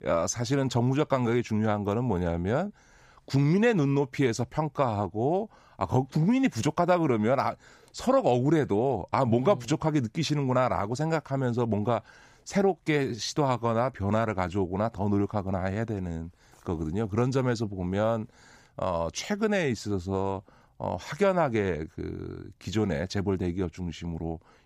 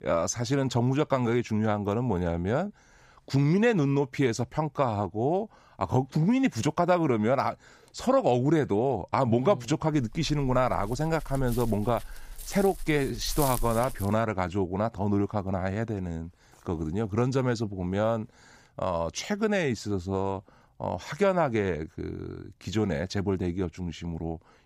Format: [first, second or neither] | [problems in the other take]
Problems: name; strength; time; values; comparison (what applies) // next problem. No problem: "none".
first | dog barking; noticeable; from 10 to 14 s; peak 5 dB below the speech